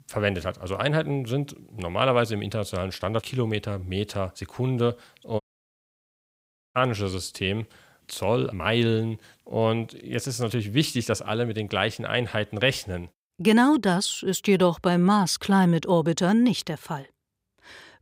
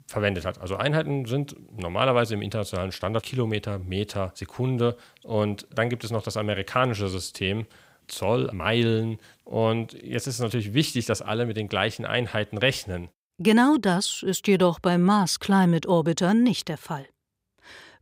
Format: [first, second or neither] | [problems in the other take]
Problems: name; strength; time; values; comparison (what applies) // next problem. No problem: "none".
second | audio cutting out; at 5.5 s for 1.5 s